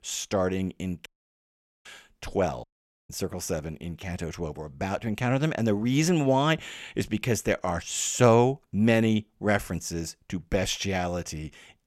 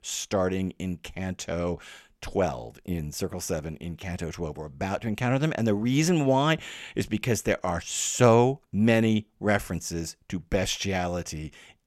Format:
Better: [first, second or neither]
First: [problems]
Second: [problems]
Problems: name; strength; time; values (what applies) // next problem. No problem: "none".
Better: second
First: audio cutting out; at 1 s for 1 s and at 2.5 s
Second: none